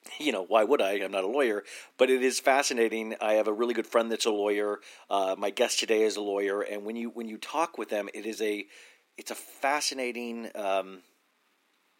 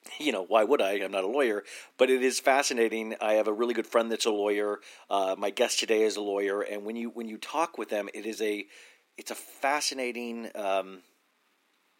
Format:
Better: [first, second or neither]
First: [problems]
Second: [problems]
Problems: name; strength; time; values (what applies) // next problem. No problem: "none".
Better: neither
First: thin; somewhat; fading below 250 Hz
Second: thin; somewhat; fading below 250 Hz